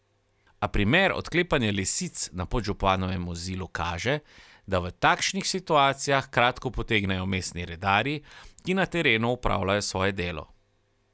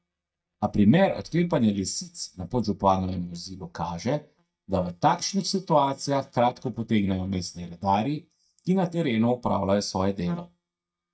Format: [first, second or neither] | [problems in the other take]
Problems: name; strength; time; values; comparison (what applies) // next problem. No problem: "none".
first | noise reduction (neural mask model DeepFilterNet 3)